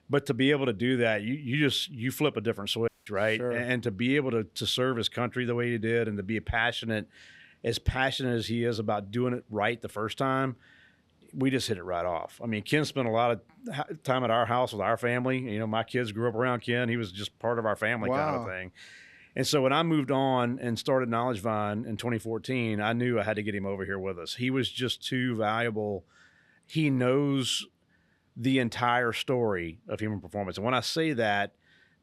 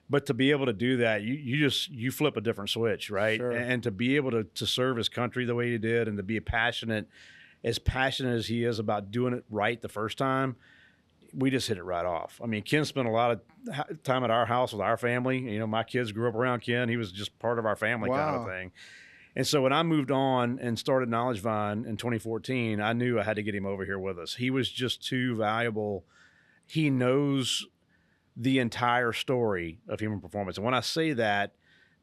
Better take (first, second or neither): second